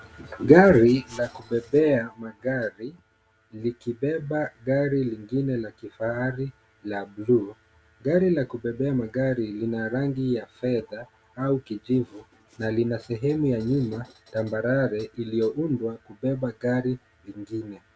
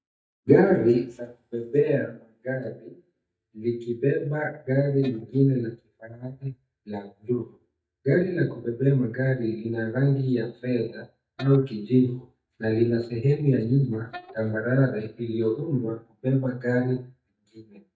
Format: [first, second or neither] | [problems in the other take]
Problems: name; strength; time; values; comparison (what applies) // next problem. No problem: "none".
first | noise reduction (neural mask model DeepFilterNet 3)